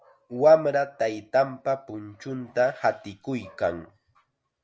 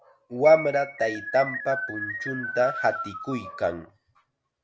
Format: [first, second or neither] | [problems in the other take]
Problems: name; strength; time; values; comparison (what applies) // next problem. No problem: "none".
first | background sound (Keyboard (musical)); 8 dB below the speech